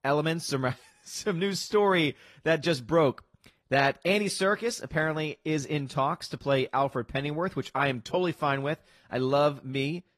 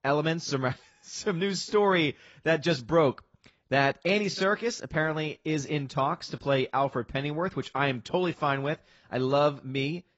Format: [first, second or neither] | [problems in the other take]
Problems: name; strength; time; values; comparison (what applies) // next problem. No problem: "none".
first | garbled, watery; badly; nothing above 7.5 kHz; slightly in the first